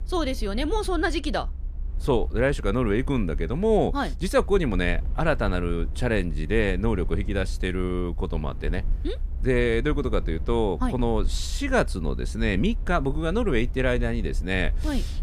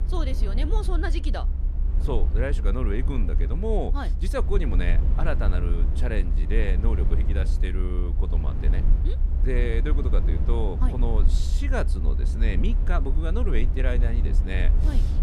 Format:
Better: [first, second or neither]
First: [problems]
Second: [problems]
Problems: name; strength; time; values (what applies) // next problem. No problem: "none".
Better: first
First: low rumble; faint; throughout; 25 dB below the speech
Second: low rumble; loud; throughout; 9 dB below the speech